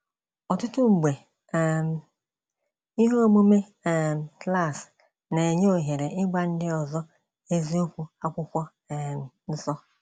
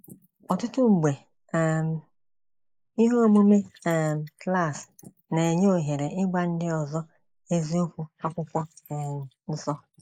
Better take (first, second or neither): first